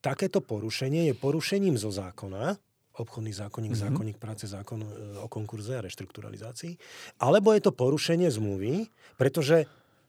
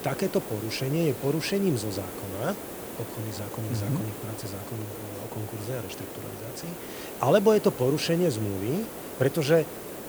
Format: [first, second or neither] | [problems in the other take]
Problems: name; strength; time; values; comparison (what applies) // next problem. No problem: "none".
first | hiss; loud; throughout; 9 dB below the speech